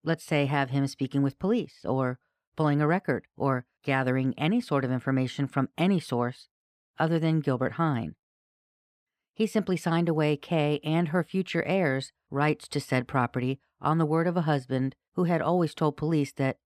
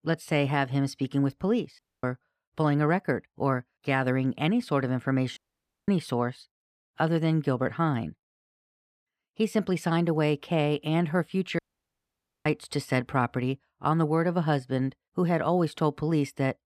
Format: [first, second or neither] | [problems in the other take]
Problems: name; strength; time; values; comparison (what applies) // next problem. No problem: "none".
first | audio cutting out; at 2 s, at 5.5 s for 0.5 s and at 12 s for 1 s